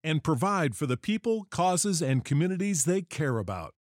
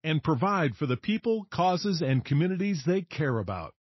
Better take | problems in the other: first | garbled, watery; slightly; nothing above 5.5 kHz

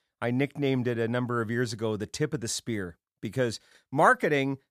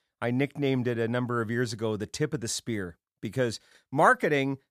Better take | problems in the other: neither | none

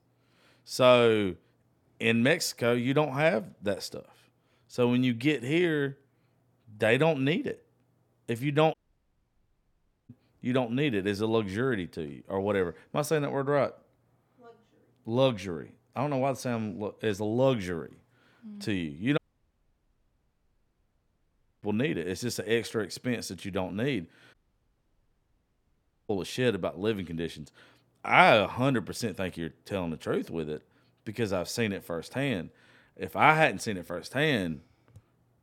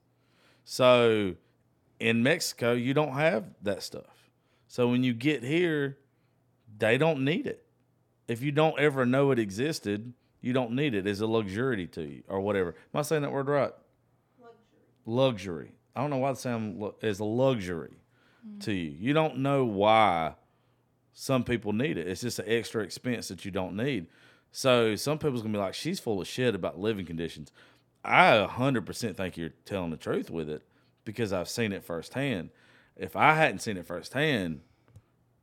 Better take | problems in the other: second | audio cutting out; at 8.5 s for 1.5 s, at 19 s for 2.5 s and at 24 s for 2 s

